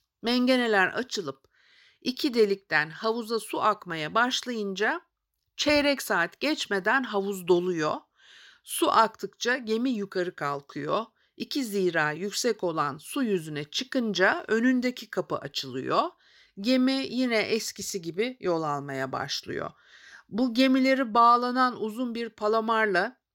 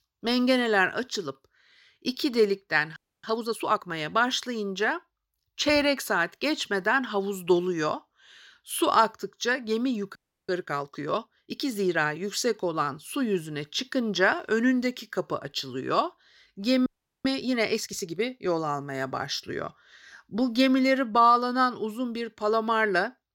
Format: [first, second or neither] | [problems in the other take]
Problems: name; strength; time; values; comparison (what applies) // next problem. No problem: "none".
first | audio freezing; at 3 s, at 10 s and at 17 s